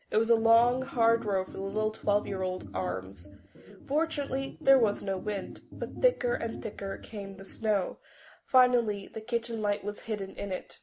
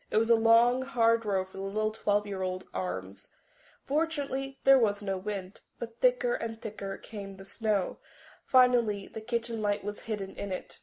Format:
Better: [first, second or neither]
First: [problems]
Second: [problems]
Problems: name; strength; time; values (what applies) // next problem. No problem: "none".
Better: second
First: background sound (Organ); 14 dB below the speech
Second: none